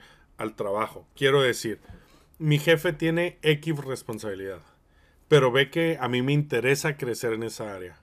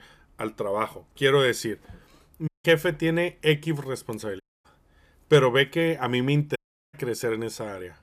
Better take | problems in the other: first | audio cutting out; at 2.5 s, at 4.5 s and at 6.5 s

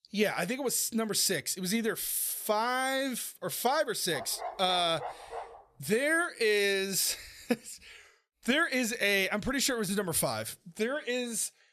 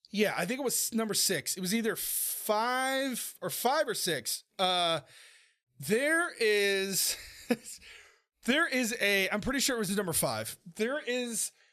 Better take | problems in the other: second | dog barking; faint; from 4 to 5.5 s; peak 10 dB below the speech

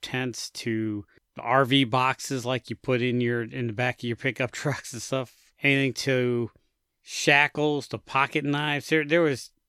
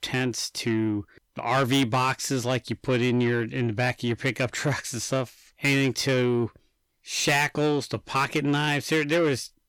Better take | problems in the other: first | distortion; heavy; 8 dB below the speech

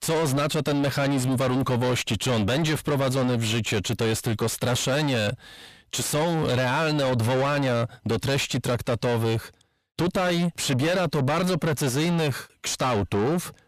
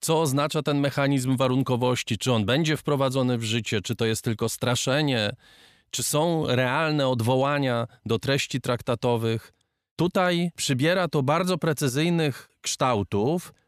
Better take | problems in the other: second | distortion; heavy; 7 dB below the speech

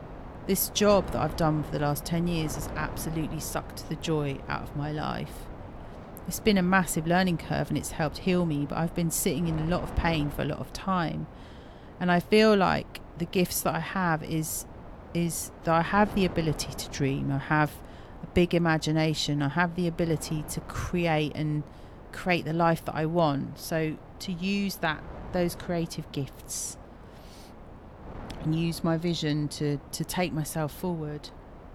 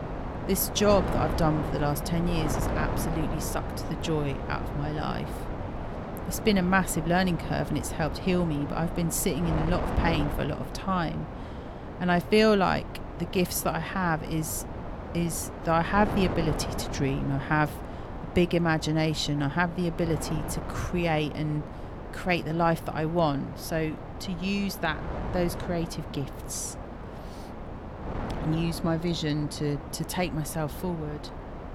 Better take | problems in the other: first | wind noise on the microphone; heavy; 8 dB below the speech; occasional gusts in the first

